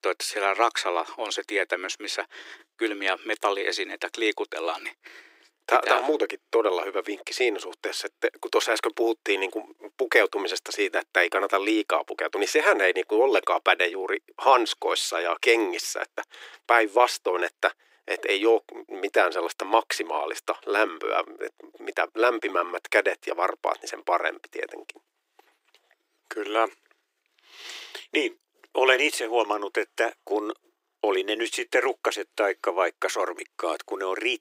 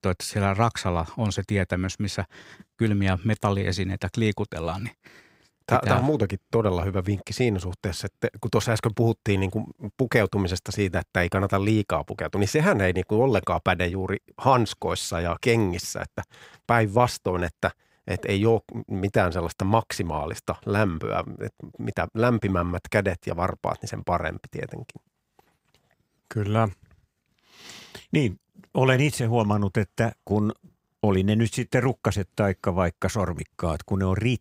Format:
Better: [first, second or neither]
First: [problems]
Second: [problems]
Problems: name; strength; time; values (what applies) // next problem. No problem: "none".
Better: second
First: thin; very; fading below 300 Hz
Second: none